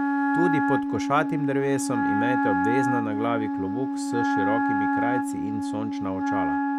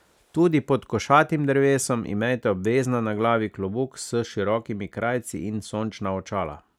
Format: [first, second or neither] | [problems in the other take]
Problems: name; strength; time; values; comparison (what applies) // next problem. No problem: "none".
second | background sound (Wind instrument, woodwind instrument); 4 dB above the speech